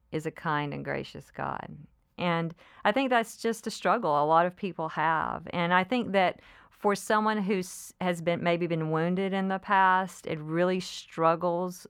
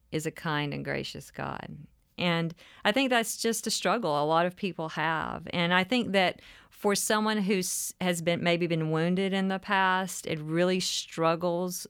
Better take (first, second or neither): second